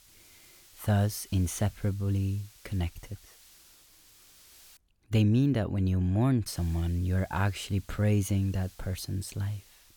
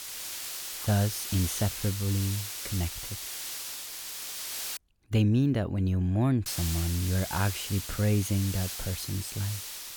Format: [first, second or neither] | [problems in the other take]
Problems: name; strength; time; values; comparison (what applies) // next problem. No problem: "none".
first | hiss; loud; until 5 s and from 6.5 s on; 6 dB below the speech; faint in the first